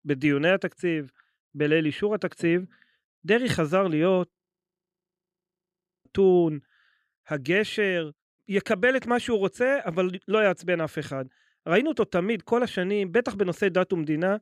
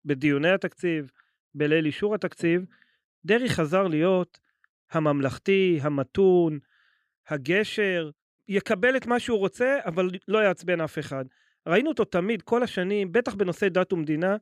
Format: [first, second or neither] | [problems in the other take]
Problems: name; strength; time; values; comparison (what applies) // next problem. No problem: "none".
second | audio freezing; at 4.5 s for 1.5 s